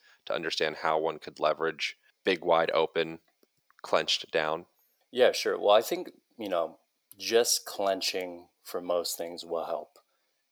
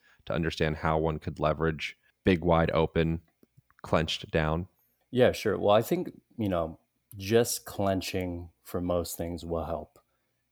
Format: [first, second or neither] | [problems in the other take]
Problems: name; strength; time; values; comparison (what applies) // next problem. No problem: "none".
second | thin; somewhat; fading below 500 Hz